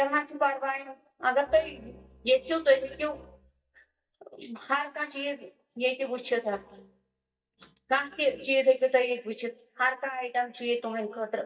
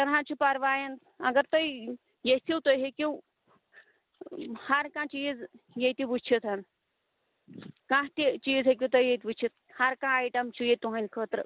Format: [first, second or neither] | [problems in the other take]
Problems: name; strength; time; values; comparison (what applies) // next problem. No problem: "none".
second | noise reduction (neural mask model DeepFilterNet 3)